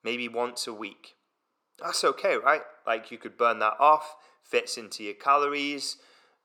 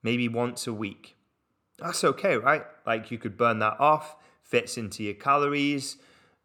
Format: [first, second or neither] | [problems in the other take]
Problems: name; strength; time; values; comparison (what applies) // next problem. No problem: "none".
second | thin; somewhat; fading below 450 Hz